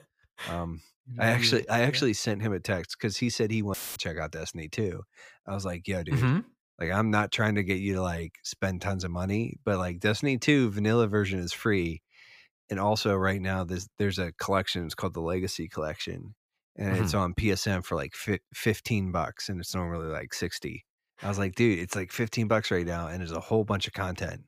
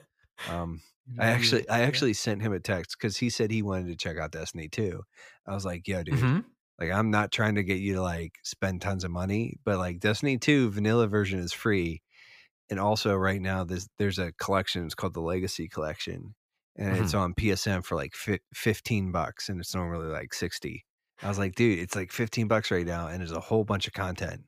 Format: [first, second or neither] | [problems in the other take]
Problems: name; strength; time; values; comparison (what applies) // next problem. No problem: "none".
second | audio cutting out; filled with static; at 3.5 s